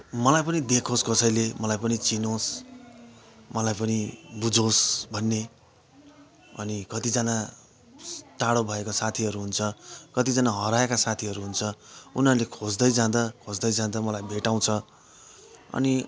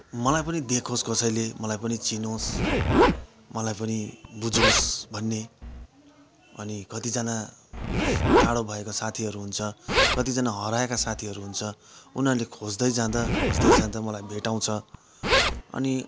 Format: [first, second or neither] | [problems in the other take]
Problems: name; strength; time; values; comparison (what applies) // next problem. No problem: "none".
first | background sound (Zipper (clothing)); 1 dB above the speech